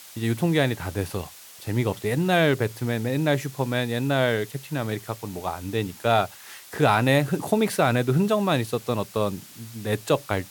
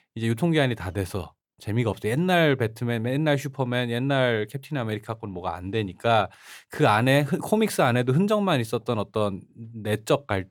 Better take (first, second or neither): second